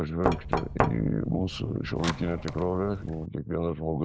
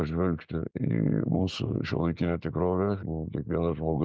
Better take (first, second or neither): second